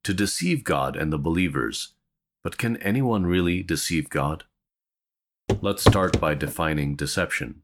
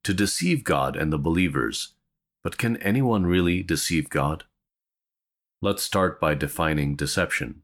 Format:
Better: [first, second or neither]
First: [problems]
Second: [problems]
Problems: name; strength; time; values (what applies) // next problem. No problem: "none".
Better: second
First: footsteps; loud; at 5.5 s; peak 5 dB above the speech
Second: none